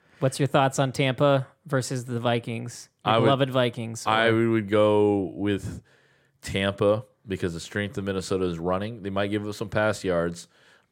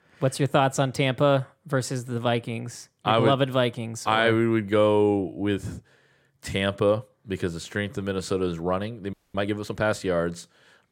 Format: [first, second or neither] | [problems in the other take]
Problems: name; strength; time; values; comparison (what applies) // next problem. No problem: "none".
first | audio freezing; at 9 s